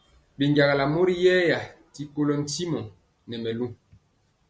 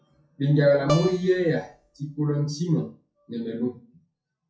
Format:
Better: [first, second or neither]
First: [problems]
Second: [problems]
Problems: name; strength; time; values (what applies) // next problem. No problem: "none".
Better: first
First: none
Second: noise reduction (classical method WPE with log-MMSE)